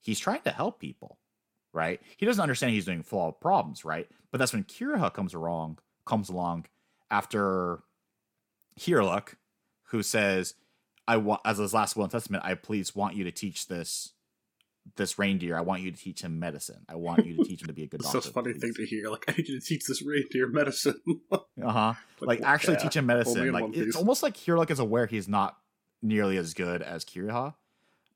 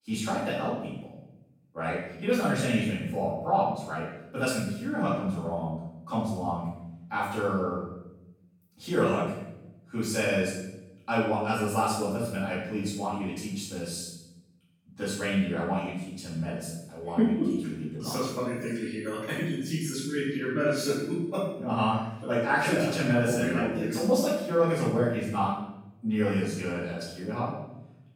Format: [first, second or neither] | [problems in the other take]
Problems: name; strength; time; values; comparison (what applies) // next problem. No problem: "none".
first | off-mic speech; far // room echo; strong; dies away in 0.9 s